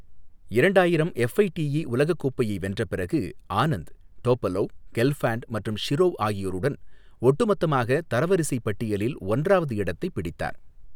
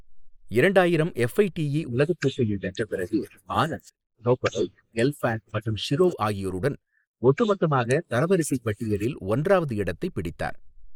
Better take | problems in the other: first | noise reduction (neural mask model Resemble Enhance denoiser)

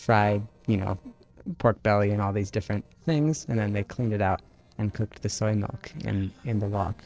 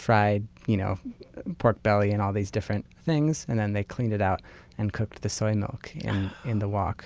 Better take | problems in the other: second | noise reduction (neural separator model SepFormer DNS4)

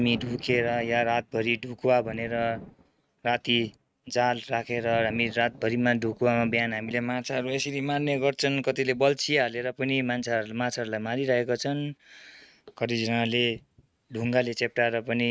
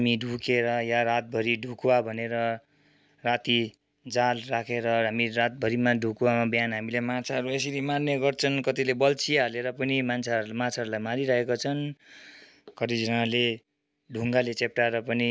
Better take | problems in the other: second | noise reduction (neural mask model RNNoise)

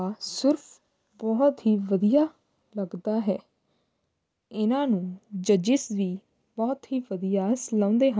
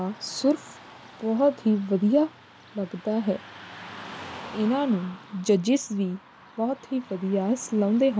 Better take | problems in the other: first | background sound (Car passing by / Traffic noise, roadway noise); 18 dB below the speech

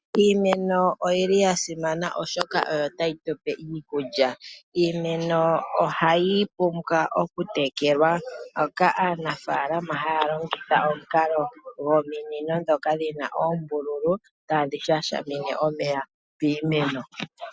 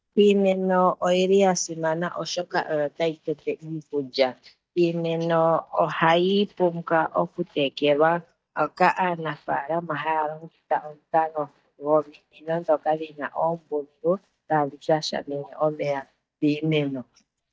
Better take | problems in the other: first | noise reduction (neural mask model DeepFilterNet 3)

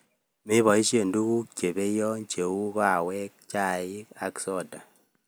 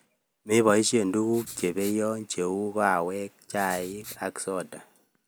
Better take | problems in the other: first | background sound (Writing); 17 dB below the speech

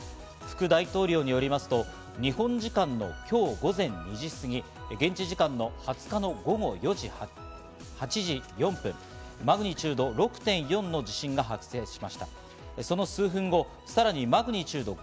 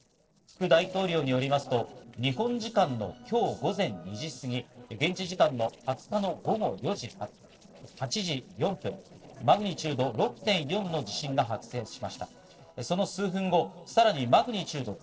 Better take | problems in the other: first | noise reduction (neural separator model SepFormer DNS4)

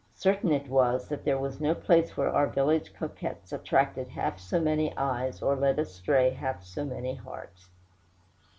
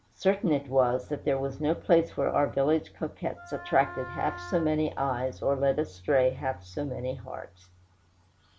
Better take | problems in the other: first | background sound (Wind instrument, woodwind instrument); 14 dB below the speech

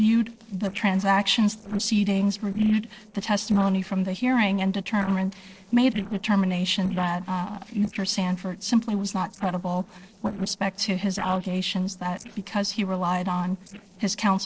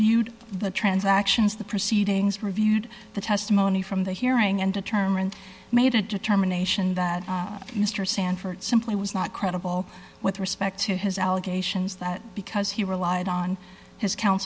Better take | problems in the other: second | noise reduction (neural separator model SepFormer DNS4)

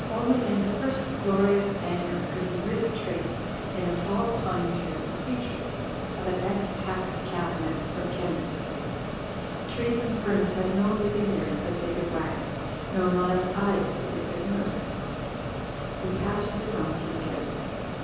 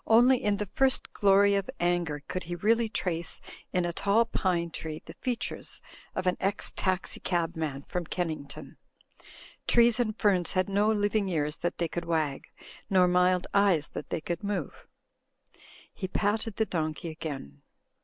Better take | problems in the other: second | background sound (Mechanisms); 3 dB below the speech // room echo; dies away in 1.3 s

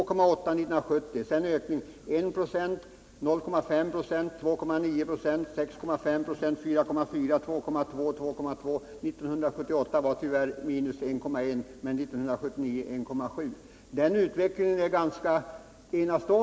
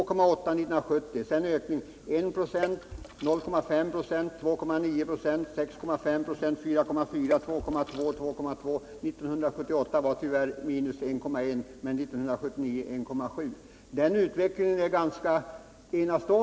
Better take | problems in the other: first | background sound (Water / Splash, splatter); 15 dB below the speech

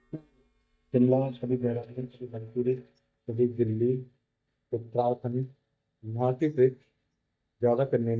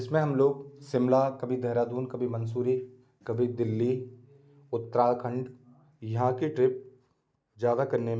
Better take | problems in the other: second | noise reduction (neural mask model DeepFilterNet 3)

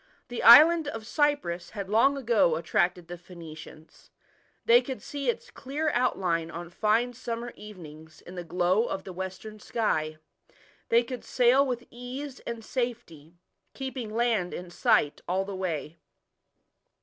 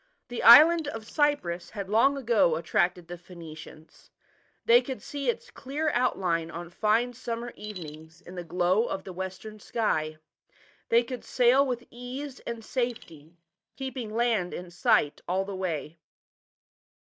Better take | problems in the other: first | noise reduction (neural mask model DeepFilterNet 3)

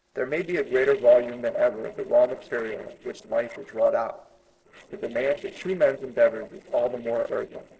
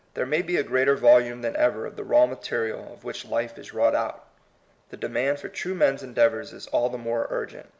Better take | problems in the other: second | noise reduction (neural separator model SepFormer DNS4)

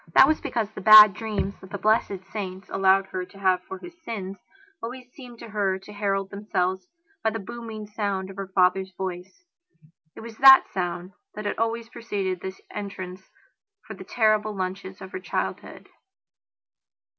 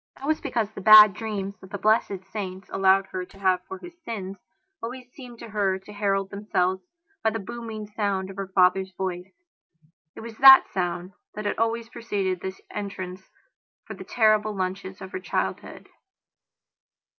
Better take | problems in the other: first | noise reduction (neural mask model DeepFilterNet 3)

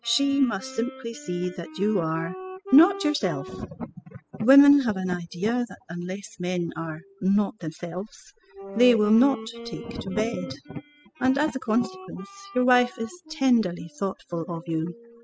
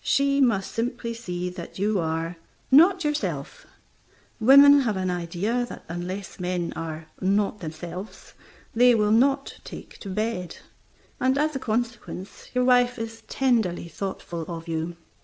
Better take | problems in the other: second | noise reduction (classical method spectral subtraction)

